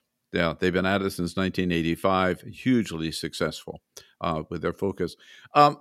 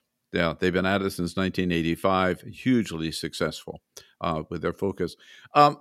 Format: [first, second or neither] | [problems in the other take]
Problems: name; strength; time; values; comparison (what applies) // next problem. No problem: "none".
neither | none